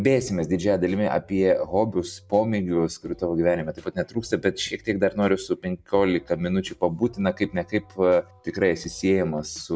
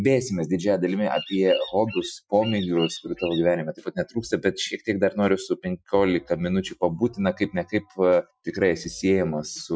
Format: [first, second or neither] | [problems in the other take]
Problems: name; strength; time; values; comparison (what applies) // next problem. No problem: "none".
first | noise reduction (classical method Wiener filter)